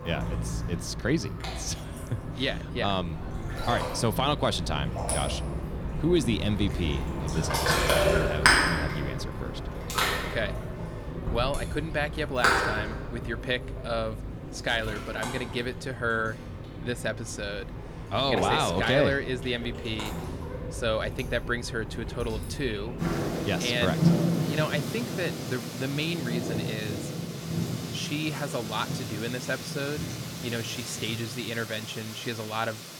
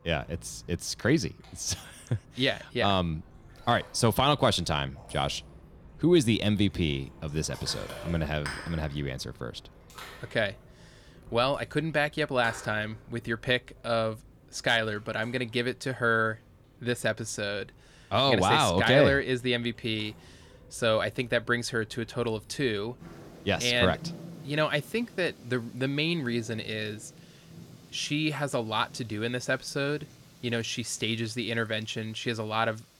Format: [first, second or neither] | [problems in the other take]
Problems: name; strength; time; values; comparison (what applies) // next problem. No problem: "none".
second | rain or running water; loud; throughout; 1 dB below the speech; faint in the second